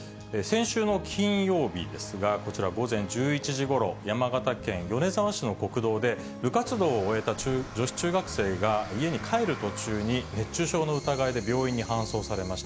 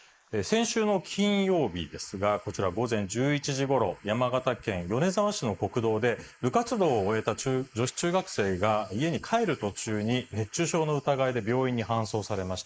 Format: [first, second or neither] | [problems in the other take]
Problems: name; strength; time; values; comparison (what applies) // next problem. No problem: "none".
first | noise reduction (neural mask model Resemble Enhance denoiser)